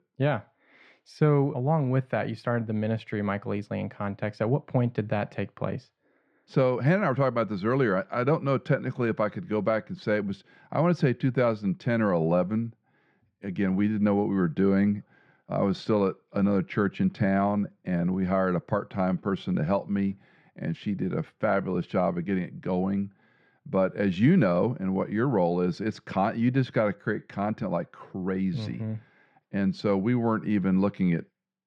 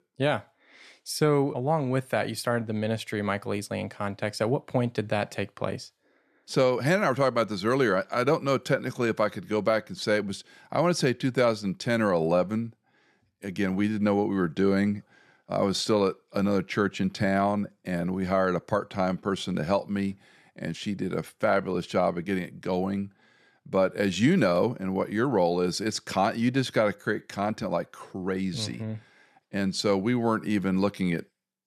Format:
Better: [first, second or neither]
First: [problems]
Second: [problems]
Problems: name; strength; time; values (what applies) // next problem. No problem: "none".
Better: second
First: muffled; slightly; fading above 2.5 kHz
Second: none